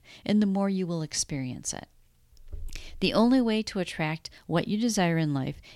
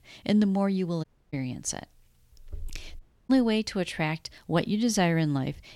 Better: first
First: none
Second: audio cutting out; at 1 s and at 3 s

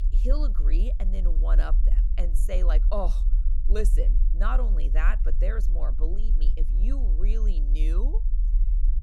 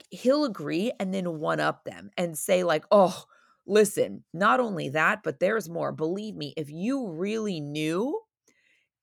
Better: second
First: low rumble; noticeable; throughout; 15 dB below the speech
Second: none

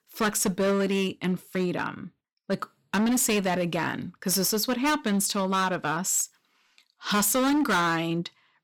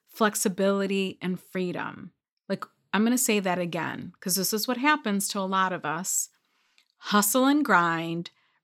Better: second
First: distortion; heavy; 13% of the sound clipped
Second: none

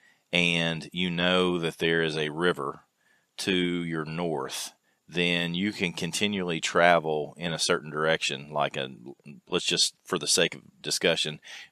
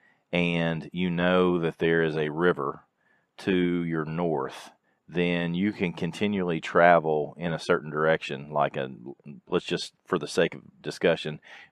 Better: first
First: none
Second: muffled; very; fading above 3 kHz

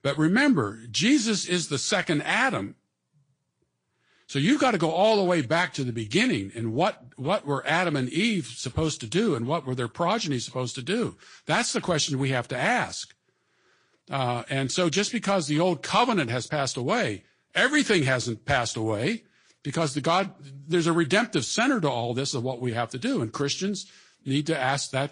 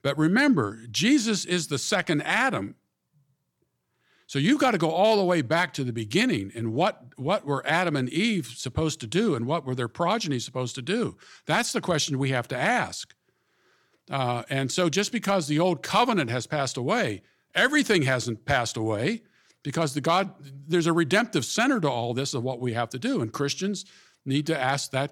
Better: second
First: garbled, watery; slightly; nothing above 9 kHz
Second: none

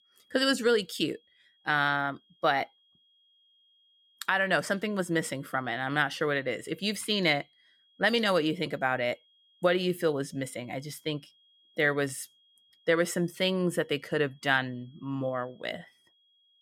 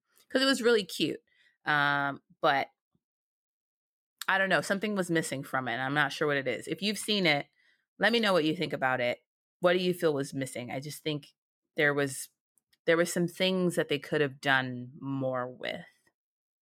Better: second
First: high-pitched whine; faint; throughout; 3.5 kHz, 35 dB below the speech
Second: none

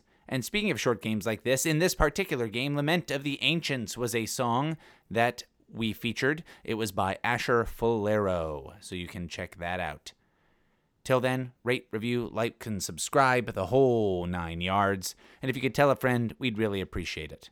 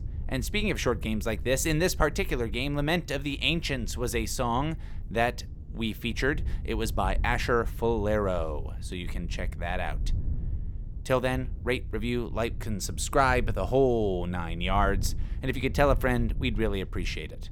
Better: first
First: none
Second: wind noise on the microphone; occasional gusts; 25 dB below the speech

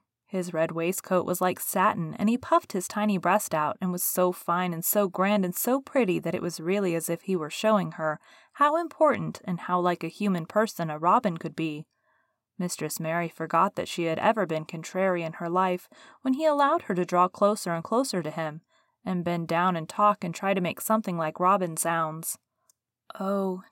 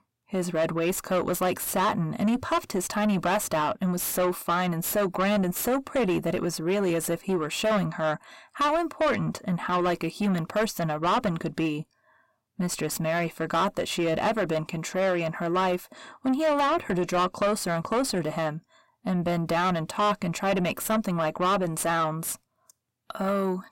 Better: first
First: none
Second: distortion; heavy; 7 dB below the speech

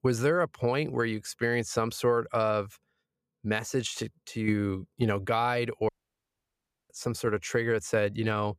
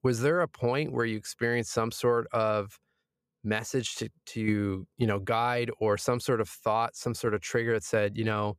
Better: second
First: audio cutting out; at 6 s for 1 s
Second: none

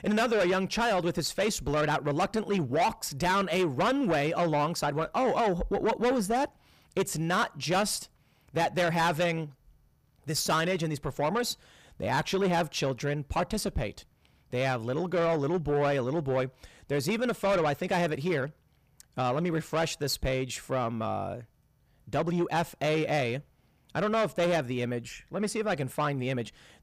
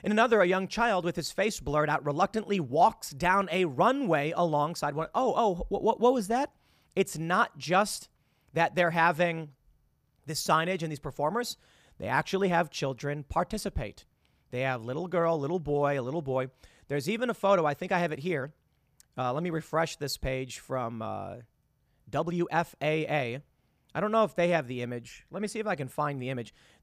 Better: second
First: distortion; heavy; 8 dB below the speech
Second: none

